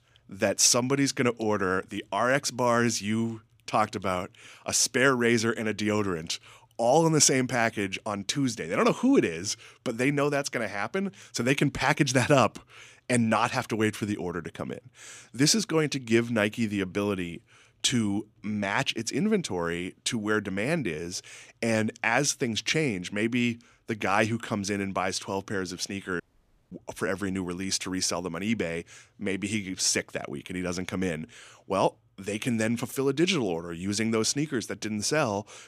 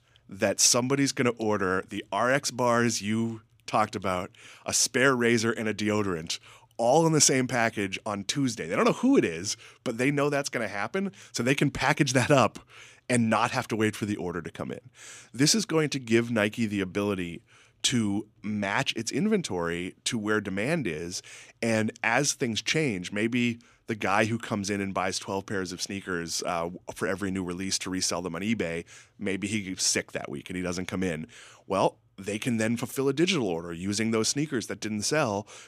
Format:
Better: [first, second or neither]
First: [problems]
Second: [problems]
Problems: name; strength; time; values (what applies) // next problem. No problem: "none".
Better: second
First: audio cutting out; at 26 s for 0.5 s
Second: none